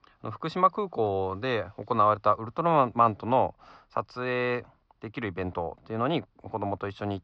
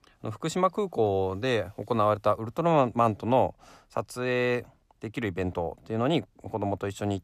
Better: second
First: muffled; very slightly; fading above 5 kHz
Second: none

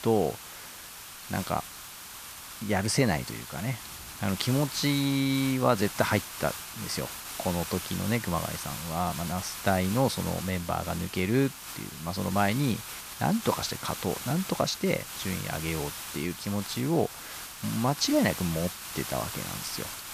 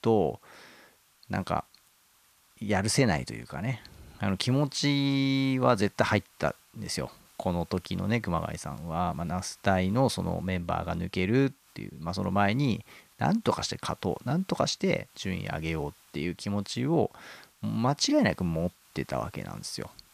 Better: second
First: hiss; loud; throughout; 8 dB below the speech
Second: hiss; faint; throughout; 30 dB below the speech

